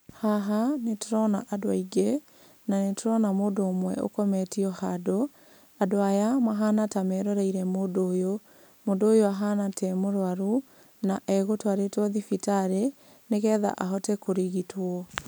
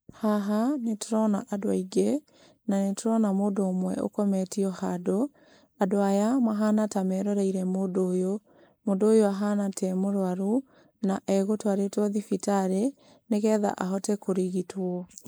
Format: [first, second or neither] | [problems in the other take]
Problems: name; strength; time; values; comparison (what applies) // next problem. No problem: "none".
first | noise reduction (neural mask model Resemble Enhance denoiser)